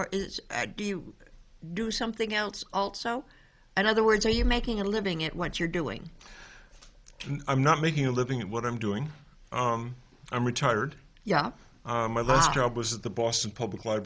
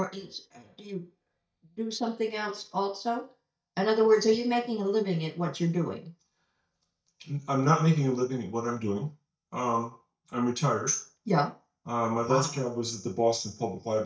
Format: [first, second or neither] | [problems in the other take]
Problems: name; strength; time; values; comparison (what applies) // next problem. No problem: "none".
first | noise reduction (neural mask model DeepFilterNet 3)